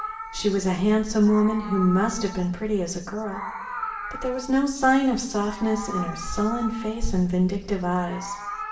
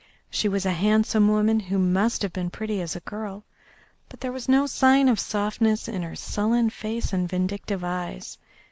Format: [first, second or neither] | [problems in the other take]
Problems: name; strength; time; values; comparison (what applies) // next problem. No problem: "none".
second | background sound (Meow); 12 dB below the speech // room echo; dies away in 0.8 s